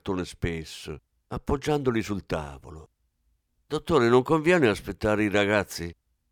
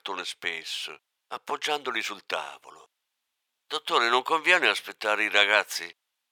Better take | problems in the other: first | thin; very; fading below 850 Hz

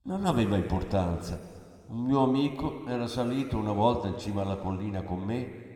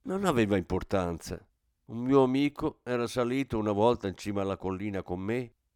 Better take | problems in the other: second | room echo; noticeable; dies away in 2 s

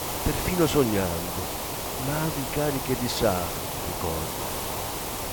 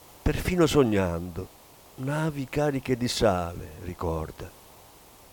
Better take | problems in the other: second | hiss; loud; throughout; 2 dB below the speech; faint in the second

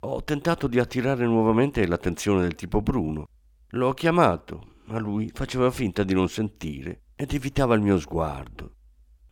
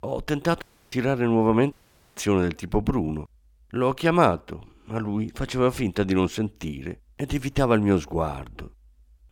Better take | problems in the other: first | audio cutting out; at 0.5 s and at 1.5 s

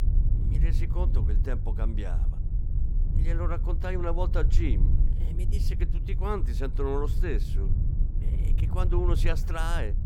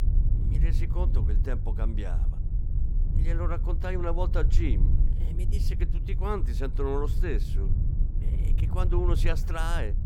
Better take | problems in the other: neither | low rumble; loud; throughout; 10 dB below the speech; the same in both

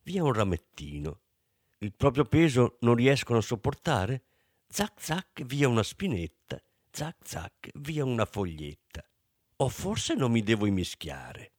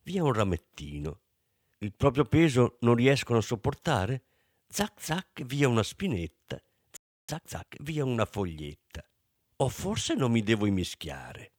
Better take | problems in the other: first | audio freezing; at 7 s

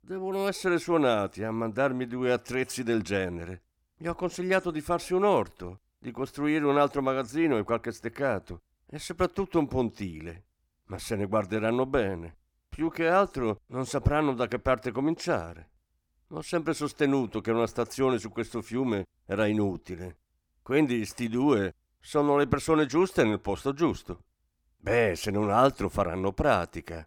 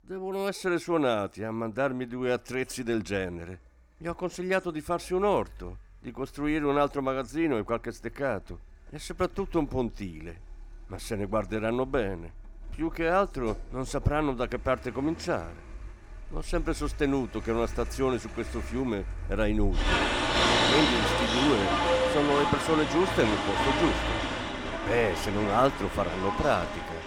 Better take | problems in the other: first | traffic noise; very loud; throughout; 1 dB above the speech

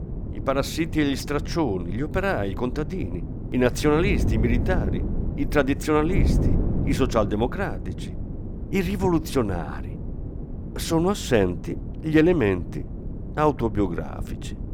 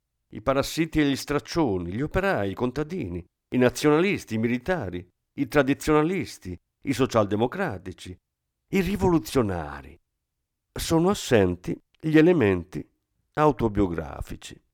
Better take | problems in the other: second | wind noise on the microphone; occasional gusts; 15 dB below the speech

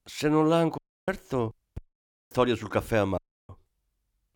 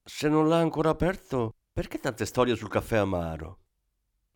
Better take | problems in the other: second | audio cutting out; at 1 s, at 2 s for 0.5 s and at 3 s

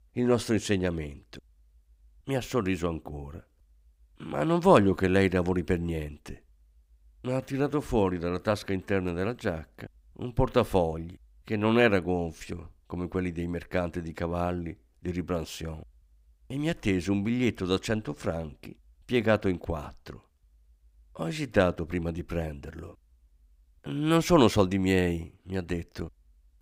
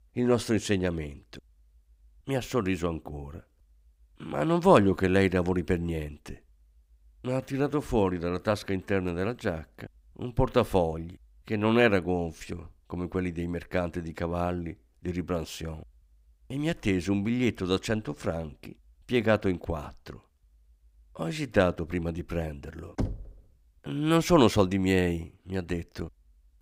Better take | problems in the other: first | door banging; noticeable; at 23 s; peak 6 dB below the speech

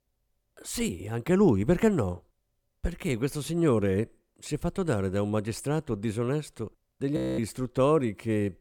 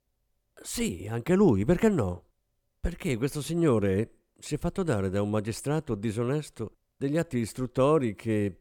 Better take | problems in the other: second | audio freezing; at 7 s

